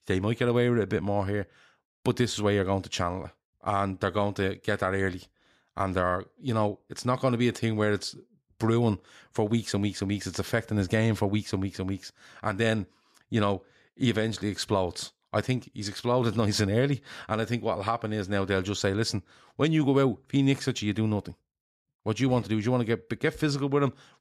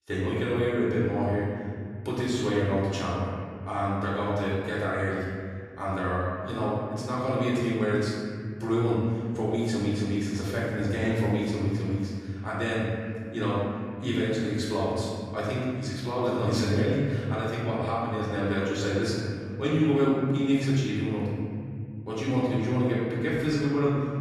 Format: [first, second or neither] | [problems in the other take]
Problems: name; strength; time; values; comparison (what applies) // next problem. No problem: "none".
first | room echo; strong; dies away in 2.3 s // off-mic speech; far